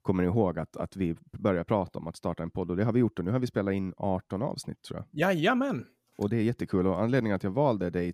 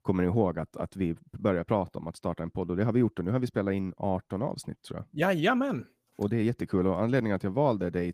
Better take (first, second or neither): first